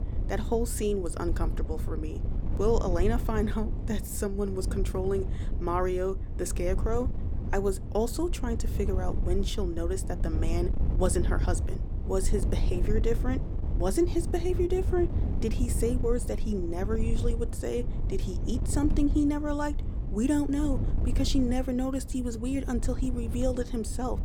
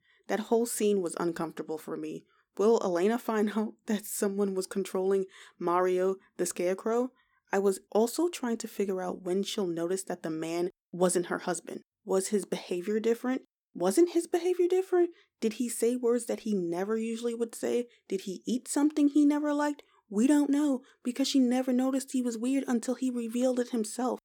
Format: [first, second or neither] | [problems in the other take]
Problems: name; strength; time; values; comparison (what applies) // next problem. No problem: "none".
second | wind noise on the microphone; occasional gusts; 10 dB below the speech